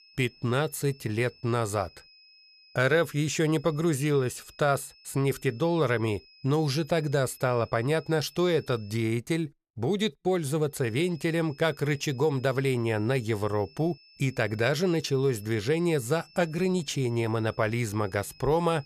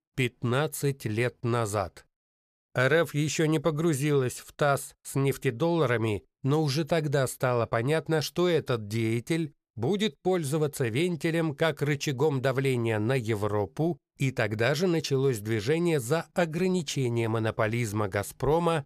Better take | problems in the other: second | high-pitched whine; faint; until 9 s and from 11 s on; 5 kHz, 25 dB below the speech

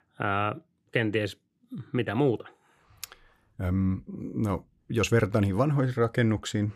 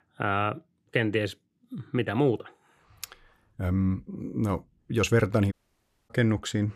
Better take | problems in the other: first | audio cutting out; at 5.5 s for 0.5 s

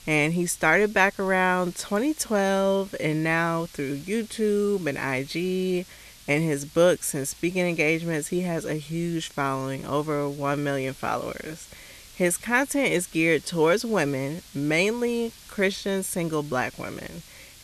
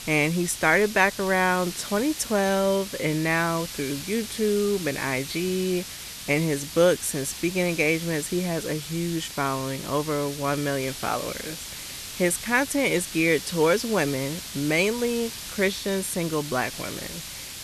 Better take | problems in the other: first | hiss; loud; throughout; 10 dB below the speech; faint in the first

